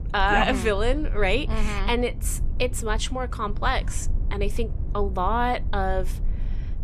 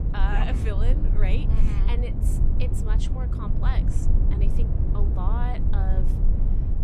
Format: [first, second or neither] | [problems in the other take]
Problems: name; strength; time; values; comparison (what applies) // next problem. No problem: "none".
first | low rumble; loud; throughout; 3 dB below the speech; faint in the first